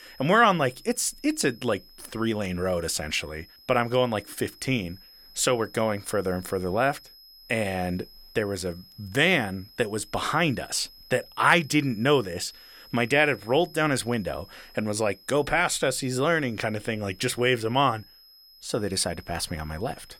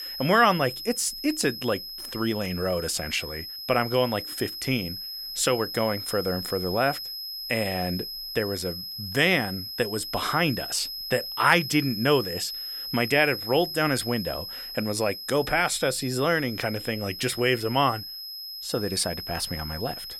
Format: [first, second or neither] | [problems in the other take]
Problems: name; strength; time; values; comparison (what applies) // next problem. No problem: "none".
first | high-pitched whine; loud; throughout; 5 kHz, 7 dB below the speech; faint in the first